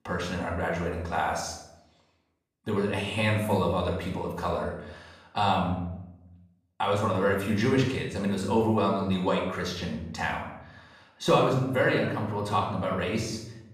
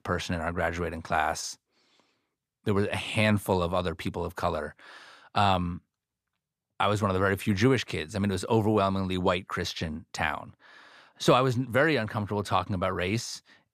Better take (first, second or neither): second